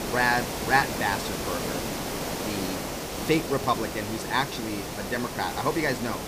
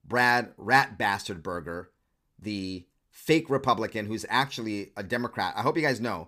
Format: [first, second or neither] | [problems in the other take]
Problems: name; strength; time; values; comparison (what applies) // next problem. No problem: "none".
second | hiss; loud; throughout; 4 dB below the speech